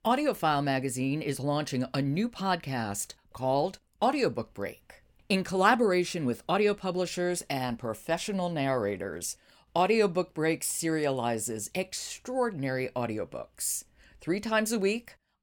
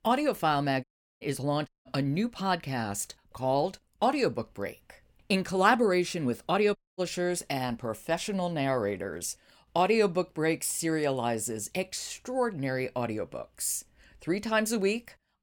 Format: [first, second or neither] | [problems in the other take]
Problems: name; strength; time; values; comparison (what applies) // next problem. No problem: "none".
first | audio cutting out; at 1 s, at 1.5 s and at 7 s